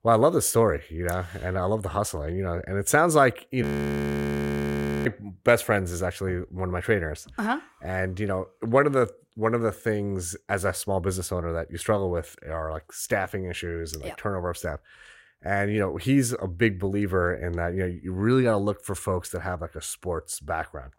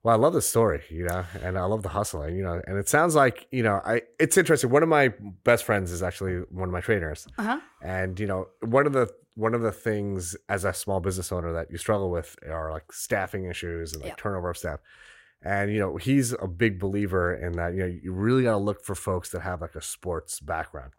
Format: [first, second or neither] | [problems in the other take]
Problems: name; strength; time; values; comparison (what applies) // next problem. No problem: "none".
second | audio freezing; at 3.5 s for 1.5 s